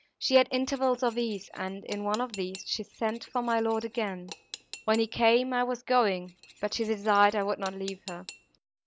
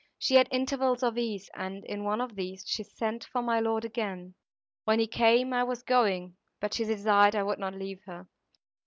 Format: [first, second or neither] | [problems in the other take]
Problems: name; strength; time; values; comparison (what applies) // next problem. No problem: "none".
second | background sound (Cutlery, silverware / Dishes, pots, and pans); 20 dB below the speech